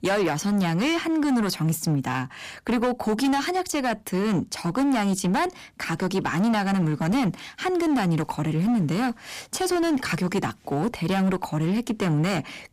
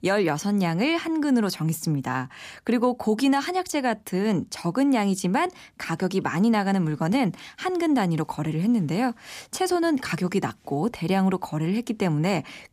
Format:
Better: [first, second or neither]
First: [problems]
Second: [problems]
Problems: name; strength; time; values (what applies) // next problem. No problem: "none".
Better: second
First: distortion; slight; 16% of the sound clipped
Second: none